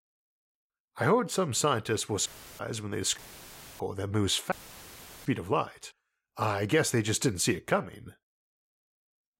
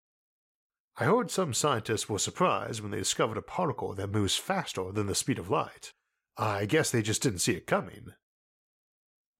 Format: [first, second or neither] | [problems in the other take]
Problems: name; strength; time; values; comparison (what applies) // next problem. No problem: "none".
second | audio cutting out; filled with static; at 2.5 s, at 3 s for 0.5 s and at 4.5 s for 0.5 s